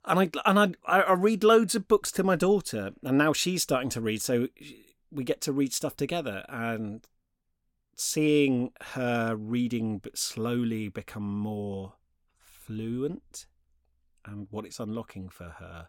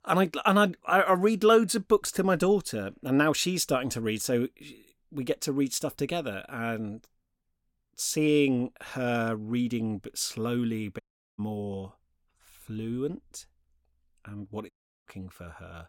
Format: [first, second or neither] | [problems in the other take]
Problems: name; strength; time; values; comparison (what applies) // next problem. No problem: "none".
first | audio cutting out; at 11 s and at 15 s